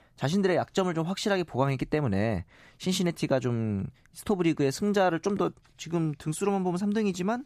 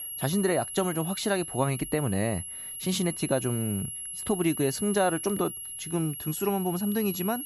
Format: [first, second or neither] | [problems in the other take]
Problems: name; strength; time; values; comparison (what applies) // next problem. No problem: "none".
first | high-pitched whine; loud; throughout; 11 kHz, 6 dB below the speech